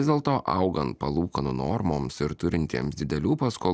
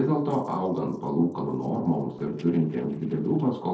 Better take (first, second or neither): first